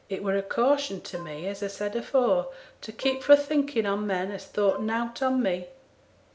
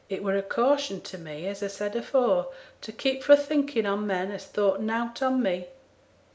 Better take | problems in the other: second | background sound (Plucked string instrument); 20 dB below the speech

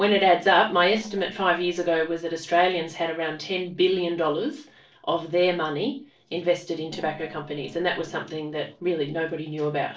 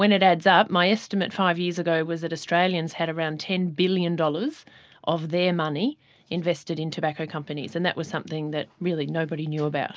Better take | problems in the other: second | noise reduction (neural separator model SepFormer DNS4)

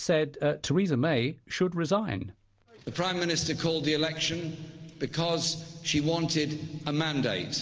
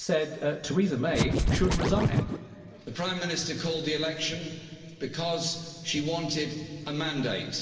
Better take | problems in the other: first | background sound (Scratching (performance technique)); 4 dB above the speech // room echo; dies away in 2.3 s

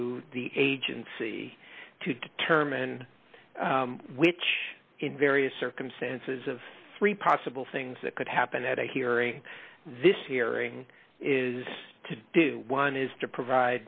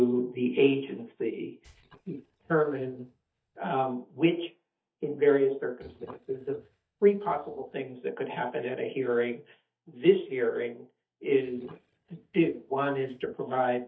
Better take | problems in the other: first | noise reduction (neural mask model DeepFilterNet 3)

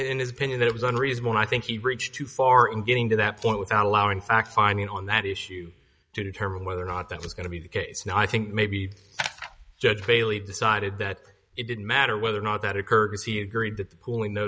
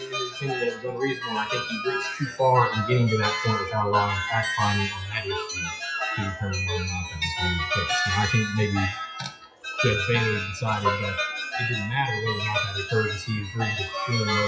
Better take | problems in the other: first | noise reduction (classical method WPE with log-MMSE)

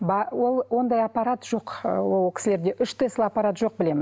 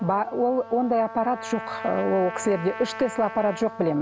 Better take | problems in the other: first | background sound (Trumpet); 12 dB below the speech

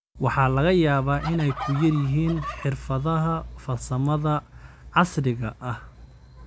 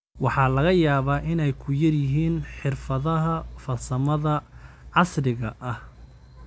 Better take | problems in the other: second | background sound (Fowl); 13 dB below the speech

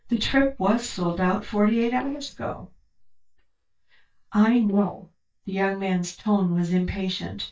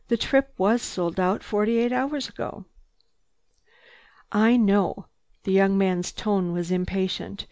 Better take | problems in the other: second | noise reduction (neural mask model DeepFilterNet 3)

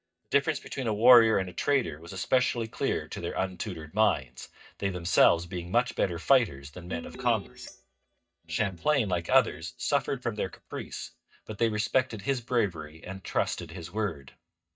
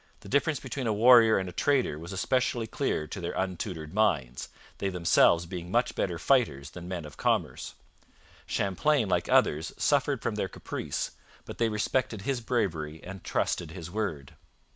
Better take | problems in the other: second | noise reduction (neural mask model DeepFilterNet 3)

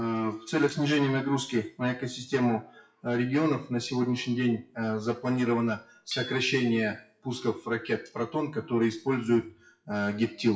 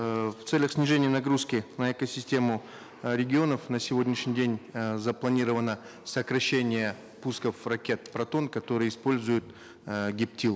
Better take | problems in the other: second | noise reduction (classical method WPE with log-MMSE)

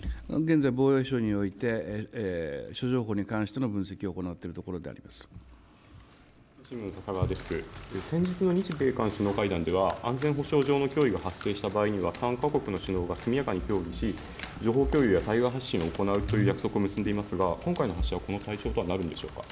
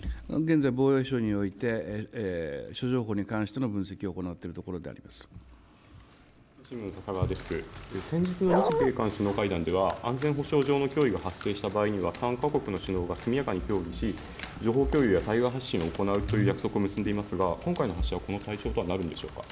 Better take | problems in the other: first | background sound (Bark); 3 dB above the speech

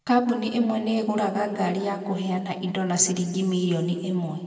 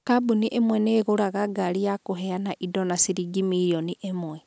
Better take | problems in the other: second | room echo; dies away in 2.1 s

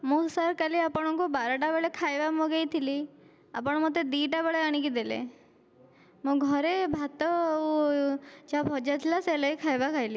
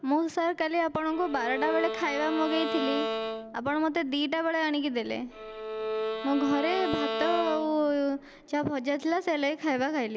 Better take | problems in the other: first | background sound (Bowed string instrument); 6 dB below the speech

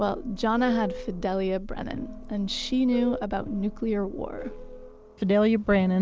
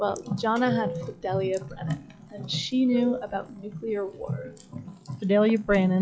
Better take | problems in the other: first | noise reduction (classical method log-MMSE)

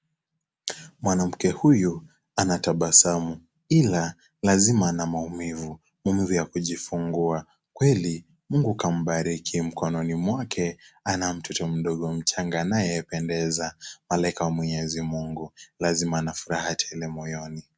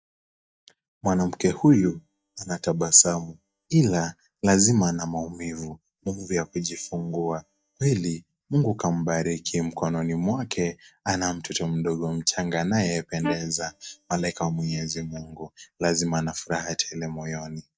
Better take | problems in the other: first | noise reduction (neural mask model DeepFilterNet 3)

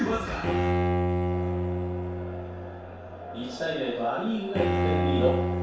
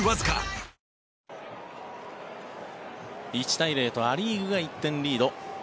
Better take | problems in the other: second | background sound (Bowed string instrument); 3 dB above the speech // room echo; dies away in 0.7 s

